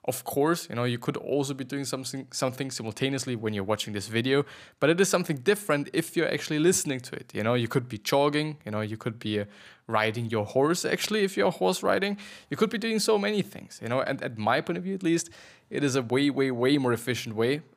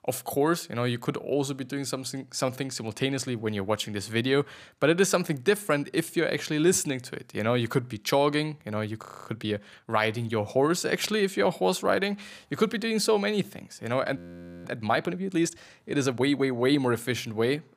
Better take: first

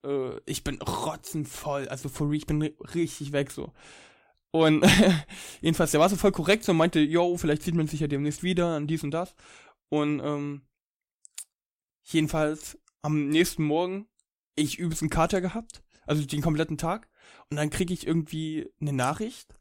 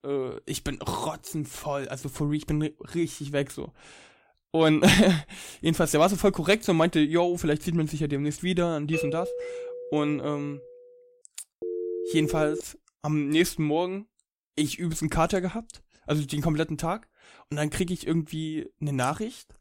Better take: first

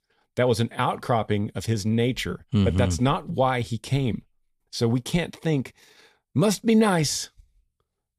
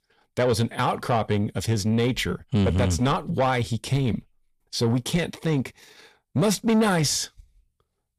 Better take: first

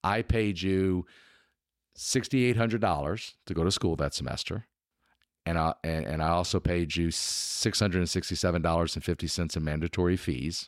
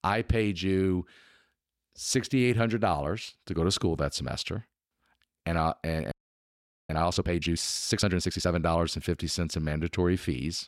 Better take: first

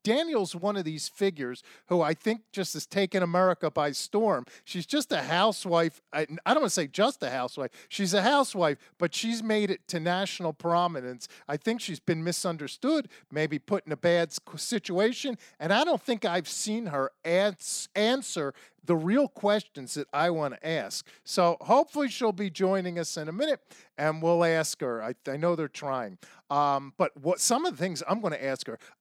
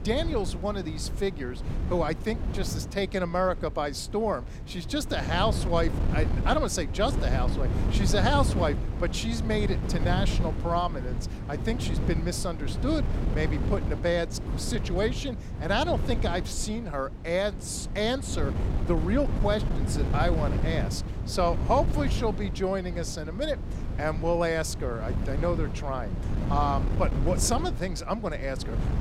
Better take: first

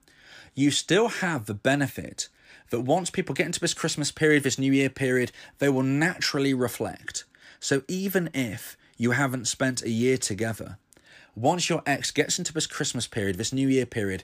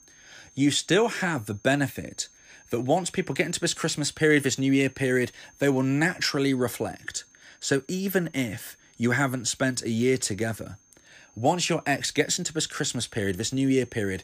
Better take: first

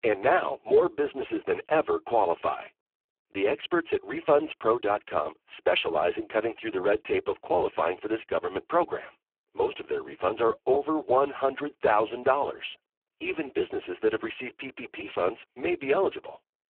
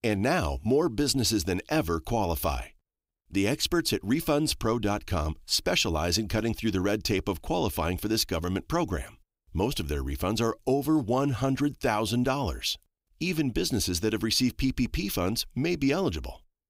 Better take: second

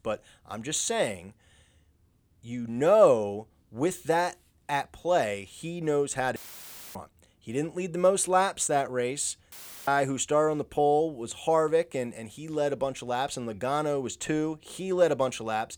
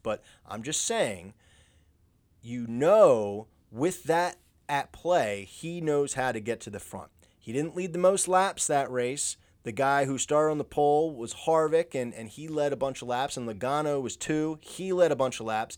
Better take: second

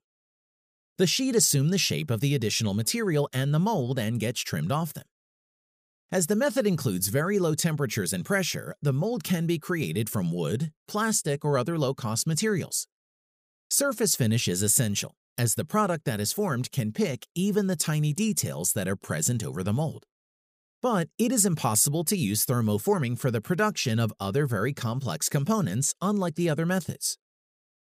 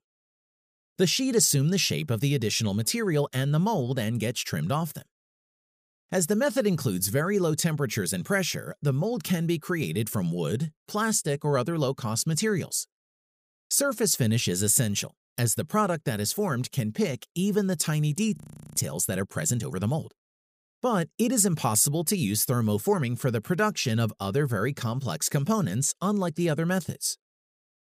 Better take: first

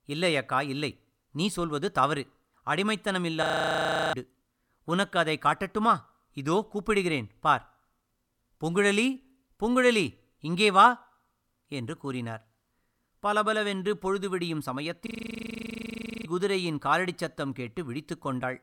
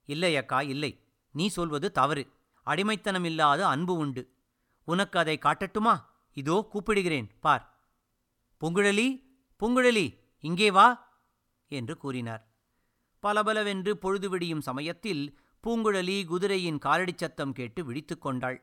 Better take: second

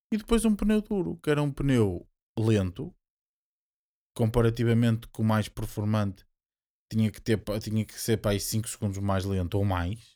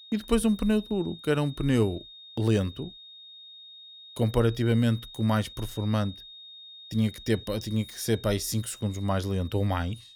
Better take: first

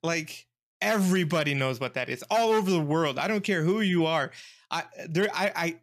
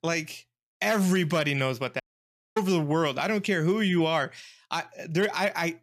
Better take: first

